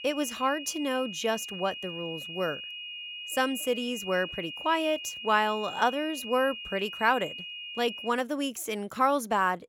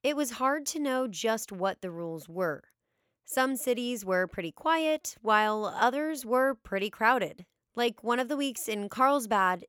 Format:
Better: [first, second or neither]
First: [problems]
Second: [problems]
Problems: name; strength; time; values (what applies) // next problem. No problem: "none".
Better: second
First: high-pitched whine; loud; until 8 s; 3 kHz, 8 dB below the speech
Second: none